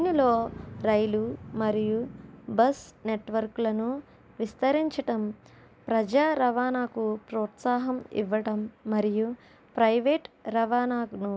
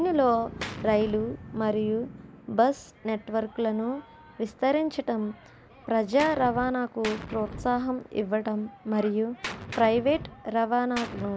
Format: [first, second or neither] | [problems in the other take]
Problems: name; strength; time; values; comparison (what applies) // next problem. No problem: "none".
first | background sound (Gunshot, gunfire); 15 dB below the speech